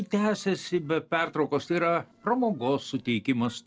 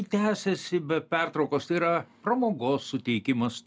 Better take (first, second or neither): second